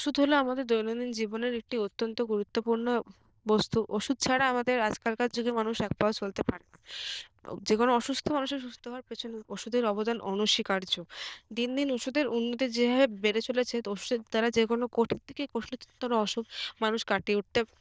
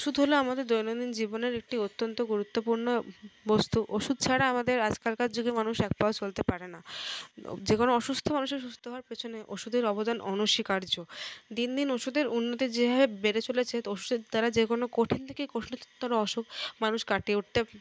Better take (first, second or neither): second